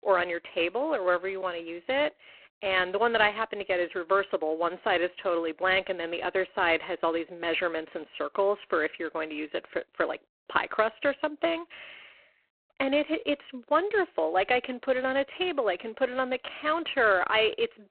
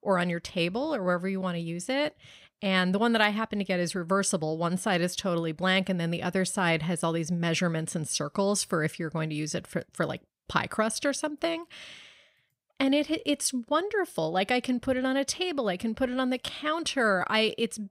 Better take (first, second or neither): second